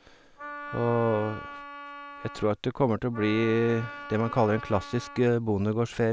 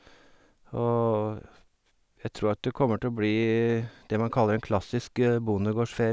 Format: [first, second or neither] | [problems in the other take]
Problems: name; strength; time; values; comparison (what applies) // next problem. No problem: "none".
second | background sound (Wind instrument, woodwind instrument); 14 dB below the speech